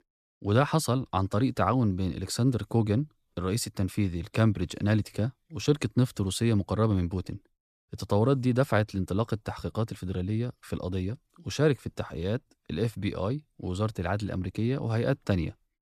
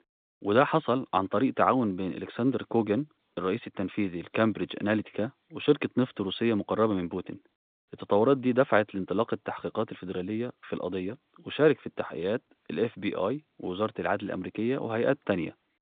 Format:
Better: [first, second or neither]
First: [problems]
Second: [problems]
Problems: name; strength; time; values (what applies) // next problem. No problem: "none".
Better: first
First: none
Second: phone-call audio; nothing above 3.5 kHz